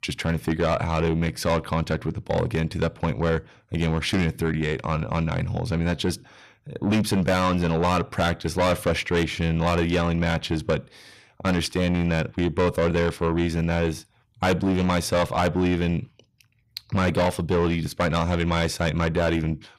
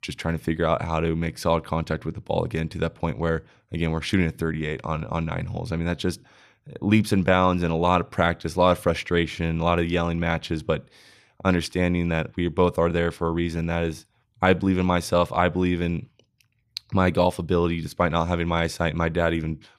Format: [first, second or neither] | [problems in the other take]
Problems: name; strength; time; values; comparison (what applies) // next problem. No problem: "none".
second | distortion; heavy; 8 dB below the speech